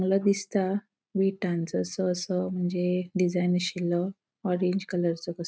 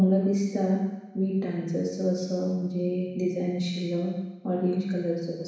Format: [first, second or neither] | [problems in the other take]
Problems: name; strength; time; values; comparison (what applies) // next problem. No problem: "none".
first | room echo; dies away in 1.1 s